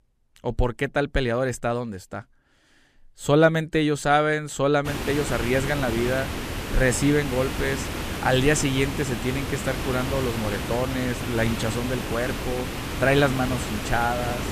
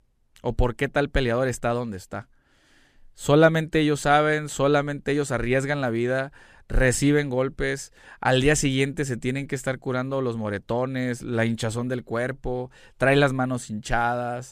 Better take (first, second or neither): second